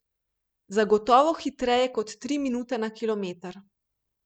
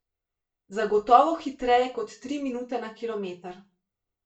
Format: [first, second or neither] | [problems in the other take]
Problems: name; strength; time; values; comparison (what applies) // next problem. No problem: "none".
first | room echo; dies away in 0.3 s